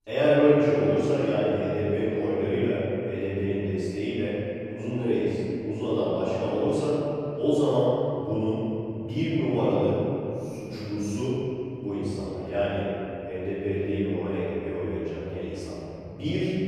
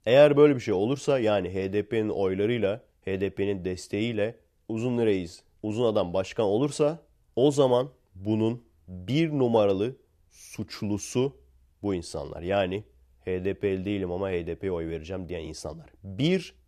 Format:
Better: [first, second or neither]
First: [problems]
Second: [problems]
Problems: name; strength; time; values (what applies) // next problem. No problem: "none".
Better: second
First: off-mic speech; far // room echo; strong; dies away in 3 s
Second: none